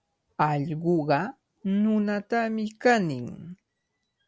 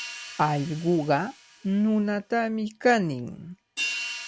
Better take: first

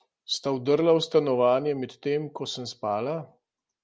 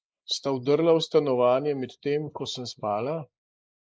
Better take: first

